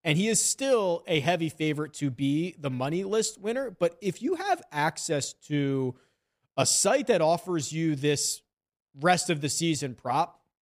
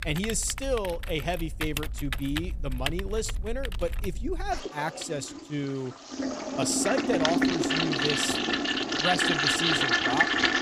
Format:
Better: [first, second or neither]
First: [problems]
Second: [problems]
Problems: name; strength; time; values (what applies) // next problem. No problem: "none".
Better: first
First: none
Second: household noises; very loud; throughout; 4 dB above the speech